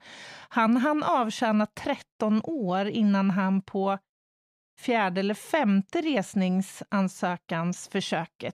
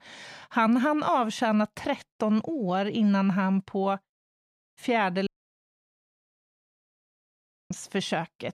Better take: first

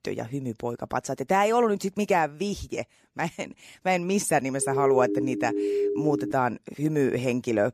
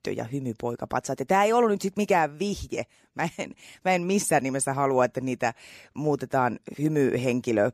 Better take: second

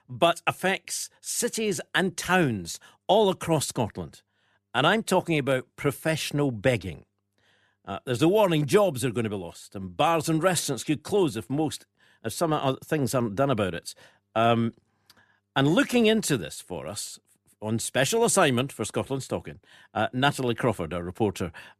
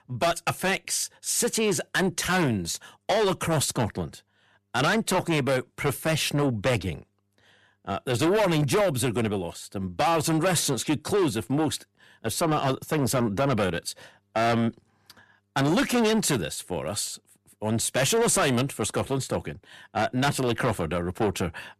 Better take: first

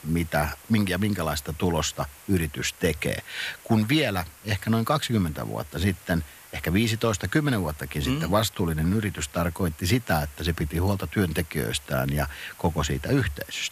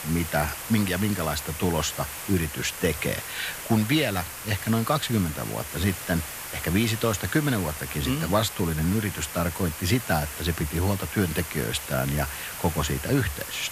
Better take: first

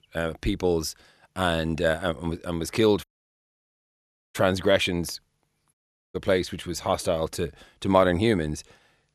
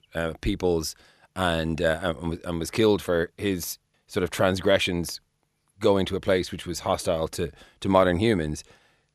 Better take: second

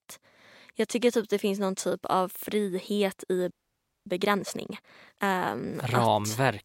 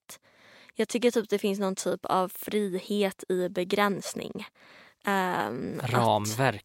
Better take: second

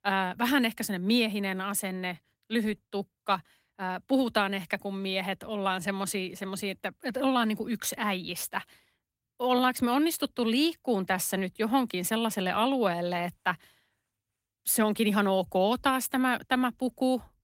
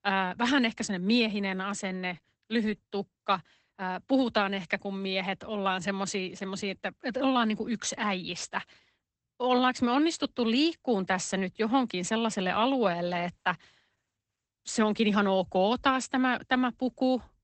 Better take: first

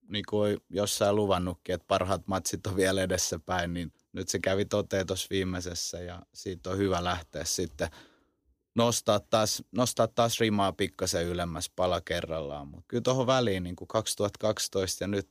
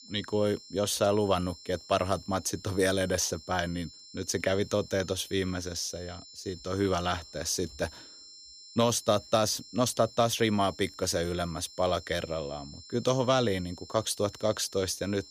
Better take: first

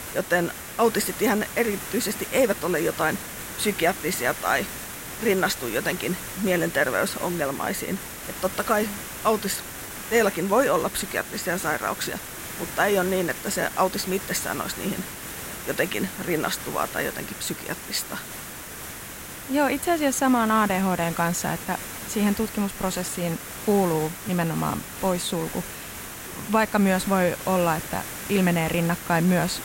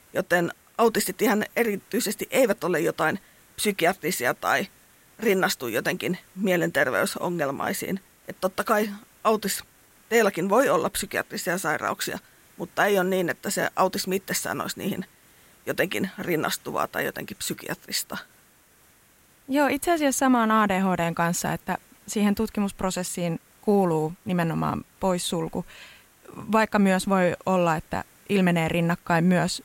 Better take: second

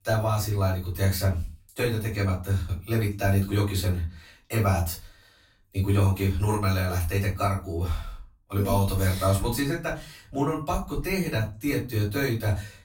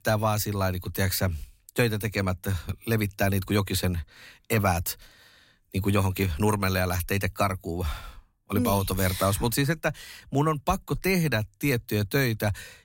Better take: second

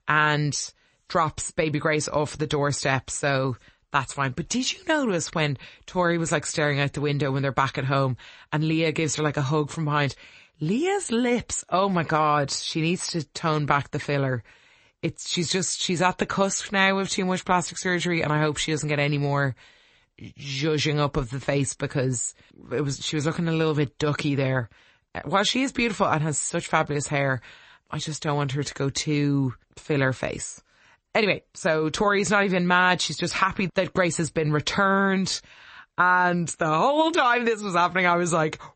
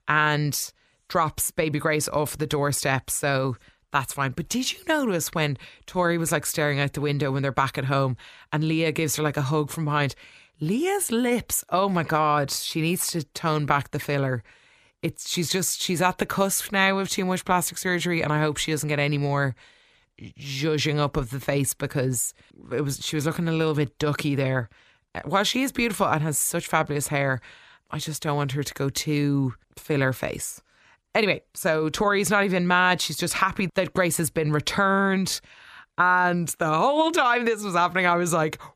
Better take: second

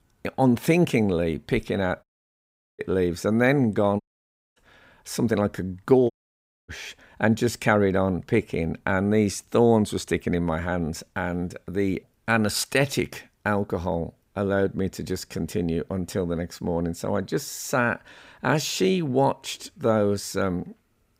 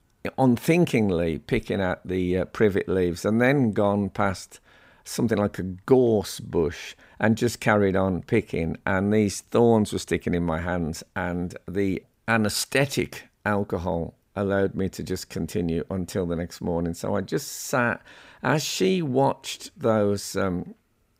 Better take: second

